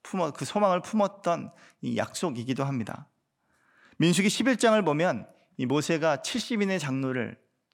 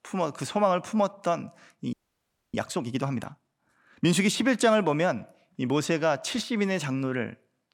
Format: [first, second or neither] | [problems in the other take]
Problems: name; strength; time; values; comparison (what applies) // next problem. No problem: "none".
first | audio freezing; at 2 s for 0.5 s